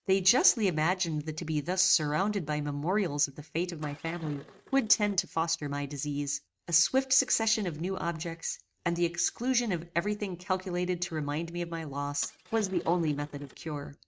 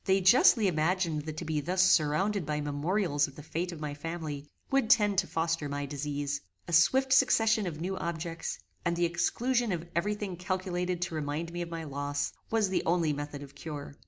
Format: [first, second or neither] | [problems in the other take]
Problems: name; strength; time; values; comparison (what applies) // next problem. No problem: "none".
second | noise reduction (neural mask model RNNoise)